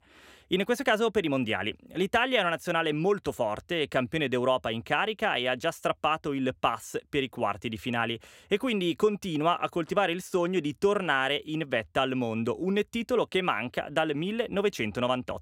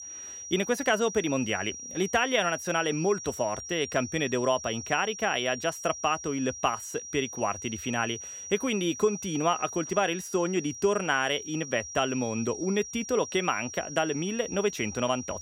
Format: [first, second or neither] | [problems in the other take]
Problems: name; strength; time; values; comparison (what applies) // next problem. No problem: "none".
first | high-pitched whine; loud; throughout; 5.5 kHz, 9 dB below the speech